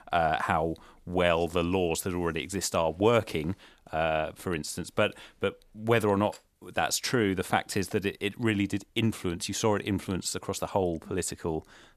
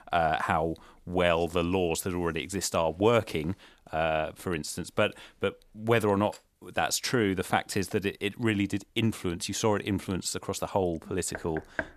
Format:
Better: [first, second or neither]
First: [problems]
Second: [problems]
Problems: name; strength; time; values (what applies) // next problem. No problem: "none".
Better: first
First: none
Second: door banging; noticeable; at 11 s; peak 7 dB below the speech